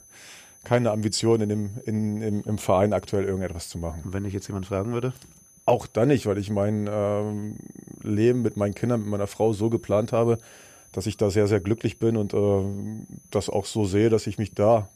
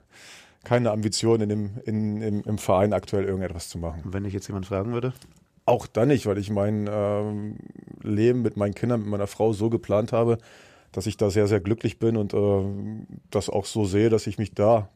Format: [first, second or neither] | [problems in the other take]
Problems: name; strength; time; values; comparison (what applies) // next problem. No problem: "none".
second | high-pitched whine; faint; throughout; 6 kHz, 25 dB below the speech